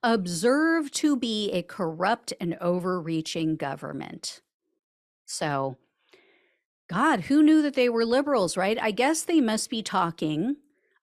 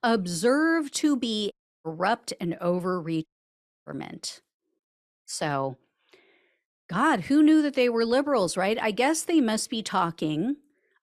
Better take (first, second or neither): first